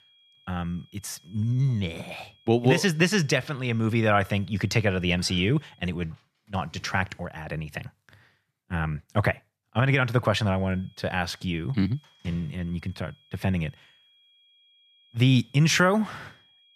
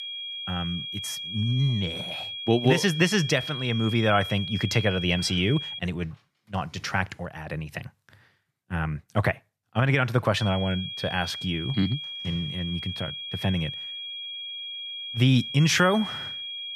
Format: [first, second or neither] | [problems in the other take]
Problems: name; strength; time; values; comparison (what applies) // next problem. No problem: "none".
first | high-pitched whine; loud; until 6 s and from 10 s on; 3.5 kHz, 7 dB below the speech; faint in the first